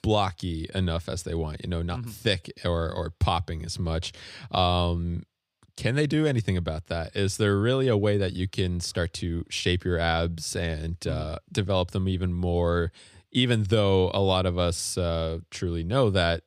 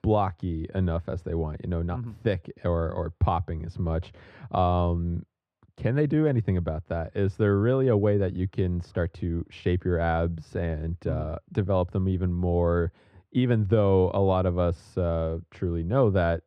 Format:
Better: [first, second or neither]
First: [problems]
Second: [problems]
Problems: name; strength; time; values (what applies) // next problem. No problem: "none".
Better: first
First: none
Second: muffled; very; fading above 3 kHz